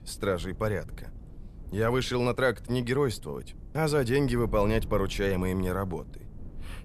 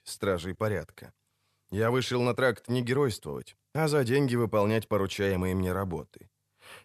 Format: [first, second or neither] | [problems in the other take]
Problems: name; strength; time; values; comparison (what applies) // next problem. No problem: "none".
second | wind noise on the microphone; occasional gusts; 25 dB below the speech